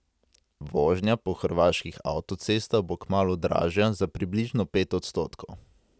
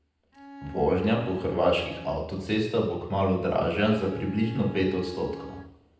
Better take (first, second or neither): first